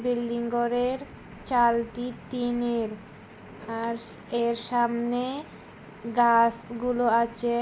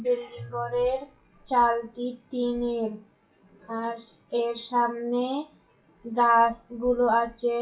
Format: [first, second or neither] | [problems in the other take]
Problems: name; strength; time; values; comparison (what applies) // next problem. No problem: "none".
first | noise reduction (classical method WPE with log-MMSE)